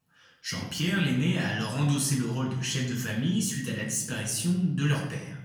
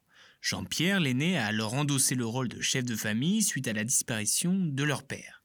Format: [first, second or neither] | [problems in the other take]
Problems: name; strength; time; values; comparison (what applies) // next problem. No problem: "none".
second | off-mic speech; far // room echo; noticeable; dies away in 1.2 s